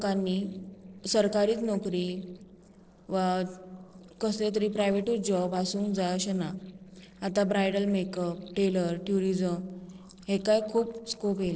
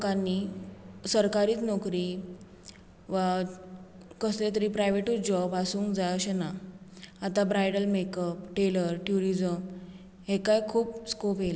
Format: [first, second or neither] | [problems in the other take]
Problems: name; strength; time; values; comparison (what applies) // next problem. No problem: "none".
second | noise reduction (neural separator model SepFormer DNS4)